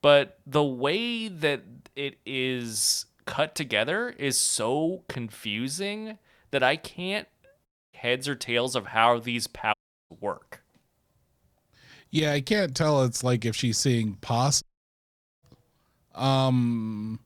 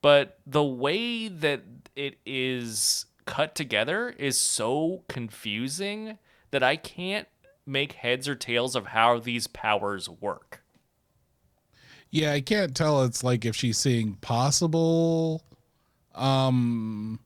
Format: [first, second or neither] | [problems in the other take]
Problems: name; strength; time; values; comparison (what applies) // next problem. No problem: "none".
second | audio cutting out; at 7.5 s, at 9.5 s and at 15 s for 1 s